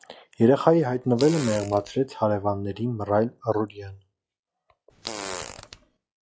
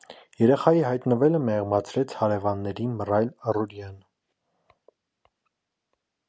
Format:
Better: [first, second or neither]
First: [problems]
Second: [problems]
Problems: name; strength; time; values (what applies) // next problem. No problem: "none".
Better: second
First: noise reduction (classical method log-MMSE)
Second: none